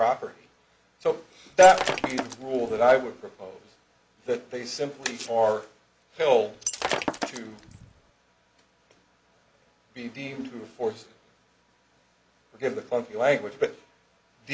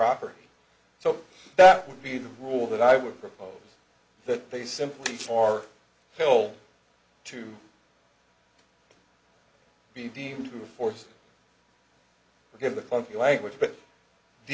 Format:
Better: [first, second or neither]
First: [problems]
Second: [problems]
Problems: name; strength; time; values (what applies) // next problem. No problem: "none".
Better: second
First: background sound (Shatter); 5 dB below the speech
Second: none